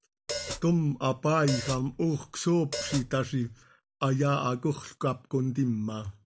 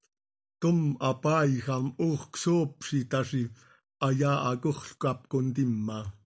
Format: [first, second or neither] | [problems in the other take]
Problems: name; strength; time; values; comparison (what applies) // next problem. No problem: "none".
second | background sound (Hi-hat); 10 dB below the speech